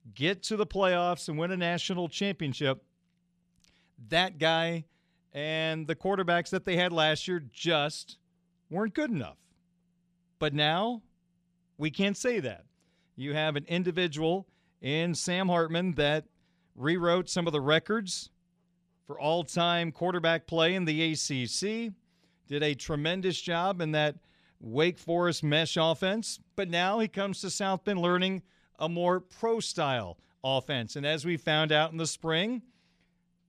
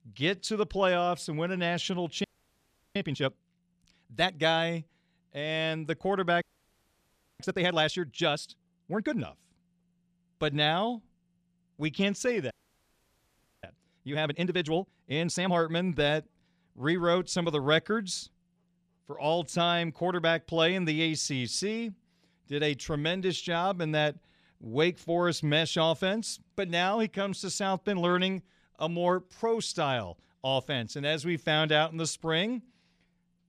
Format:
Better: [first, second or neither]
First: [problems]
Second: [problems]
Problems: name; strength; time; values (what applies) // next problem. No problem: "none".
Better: first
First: none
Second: audio freezing; at 2 s for 0.5 s, at 6.5 s for 1 s and at 13 s for 1 s